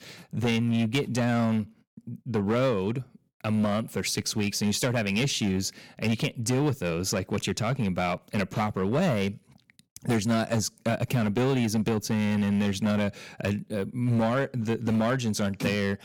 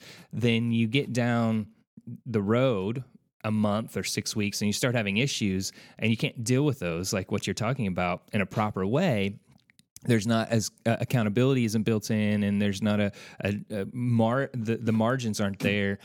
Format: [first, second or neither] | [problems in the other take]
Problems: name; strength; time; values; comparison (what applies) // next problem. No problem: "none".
second | distortion; slight; 9% of the sound clipped